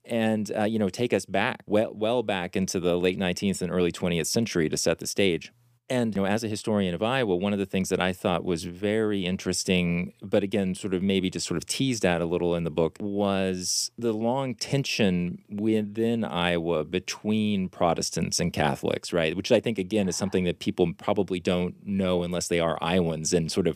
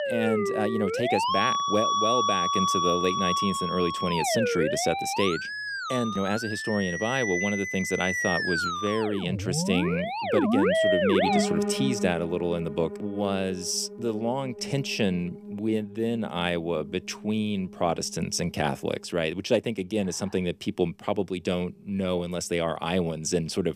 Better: first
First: none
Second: background music; very loud; throughout; as loud as the speech

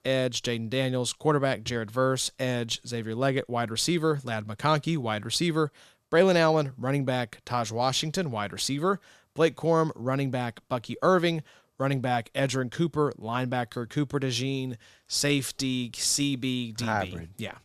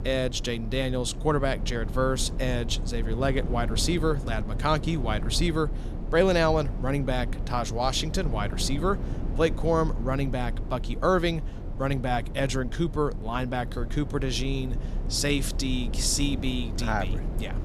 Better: first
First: none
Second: low rumble; noticeable; throughout; 15 dB below the speech

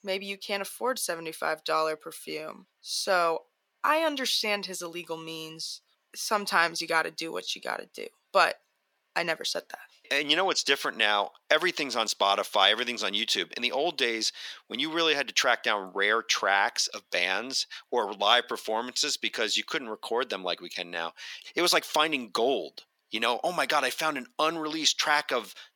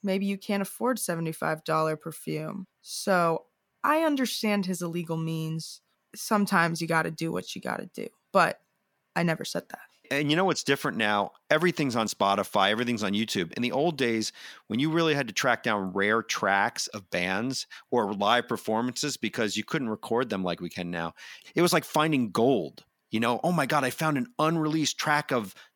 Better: second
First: thin; somewhat; fading below 450 Hz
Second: none

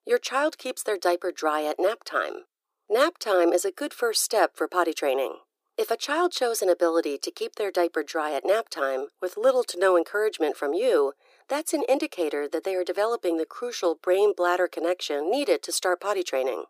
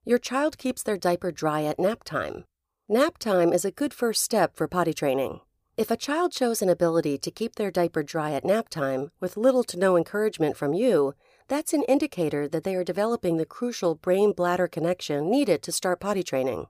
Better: second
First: thin; somewhat; fading below 350 Hz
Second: none

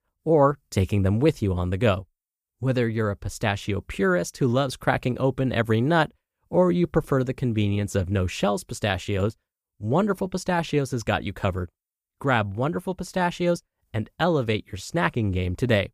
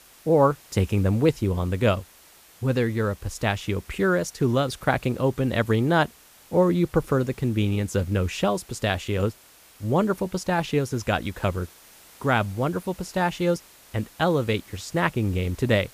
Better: first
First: none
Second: hiss; faint; throughout; 25 dB below the speech

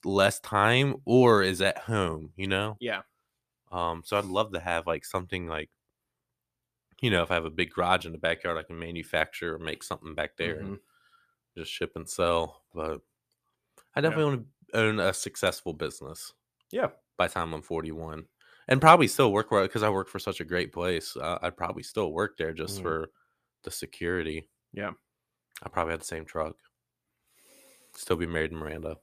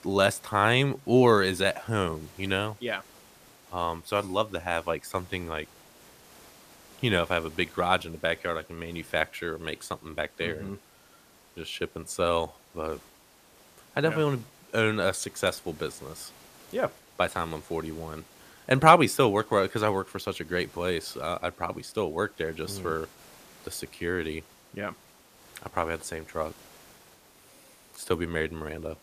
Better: first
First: none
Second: hiss; faint; throughout; 25 dB below the speech

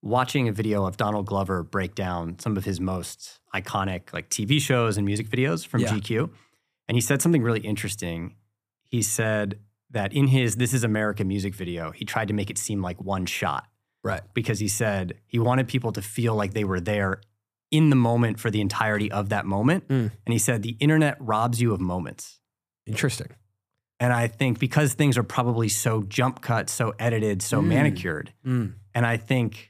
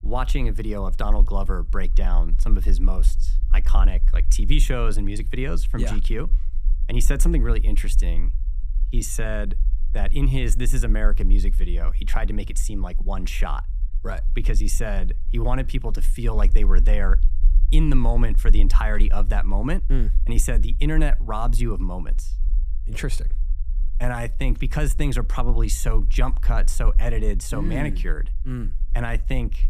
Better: first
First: none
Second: low rumble; noticeable; throughout; 20 dB below the speech

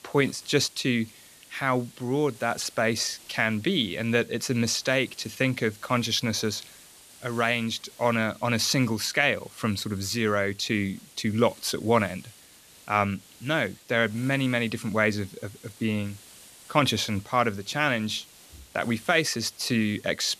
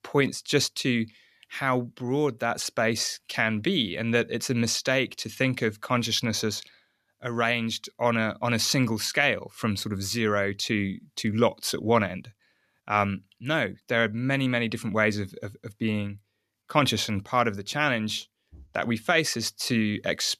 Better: second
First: hiss; faint; throughout; 20 dB below the speech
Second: none

